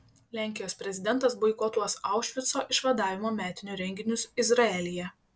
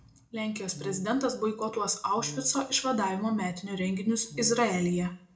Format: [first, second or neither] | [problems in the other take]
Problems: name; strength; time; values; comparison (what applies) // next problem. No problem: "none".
first | background sound (Brass instrument); 17 dB below the speech // room echo; dies away in 0.3 s